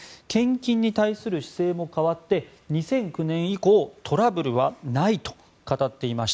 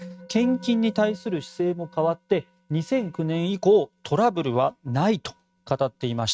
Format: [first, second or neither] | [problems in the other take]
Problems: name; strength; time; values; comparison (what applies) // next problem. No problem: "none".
first | noise reduction (neural mask model RNNoise)